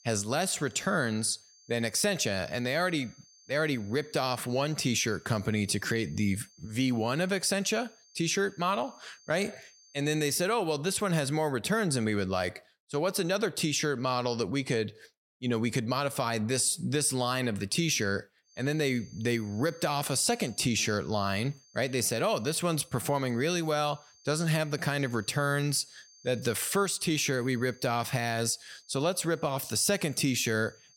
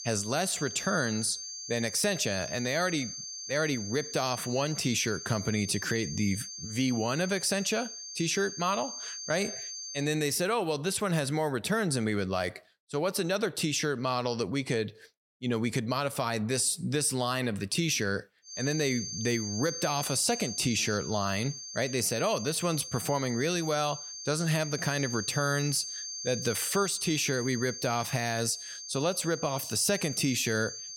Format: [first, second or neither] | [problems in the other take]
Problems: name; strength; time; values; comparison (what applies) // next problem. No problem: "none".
first | high-pitched whine; loud; until 10 s and from 19 s on; 6.5 kHz, 8 dB below the speech; faint in the first